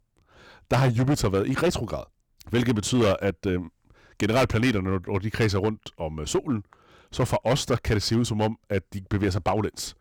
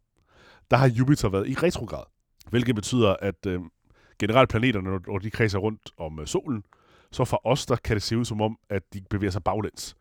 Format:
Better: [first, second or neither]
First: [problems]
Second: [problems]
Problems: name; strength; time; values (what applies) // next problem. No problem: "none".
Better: second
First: distortion; heavy; 7% of the sound clipped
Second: none